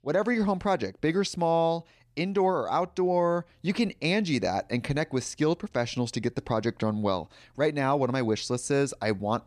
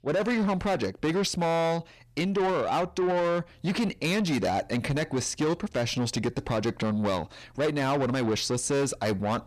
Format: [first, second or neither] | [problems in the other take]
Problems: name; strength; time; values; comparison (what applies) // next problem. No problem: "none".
first | distortion; heavy; 8 dB below the speech